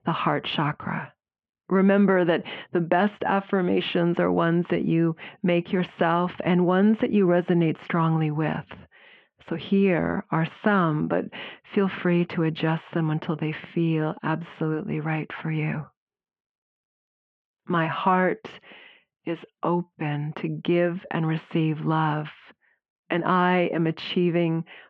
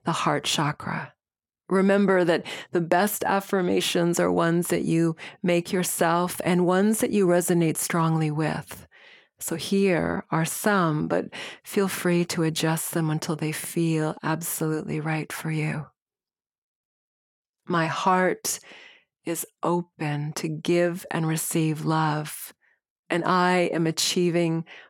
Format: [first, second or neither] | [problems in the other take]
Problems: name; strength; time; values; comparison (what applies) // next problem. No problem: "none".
second | muffled; very; fading above 3 kHz